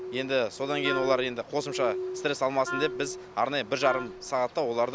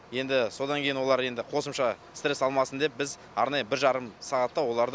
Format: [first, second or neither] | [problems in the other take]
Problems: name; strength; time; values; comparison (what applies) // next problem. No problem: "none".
second | background sound (Glass + Wind instrument, woodwind instrument); 7 dB below the speech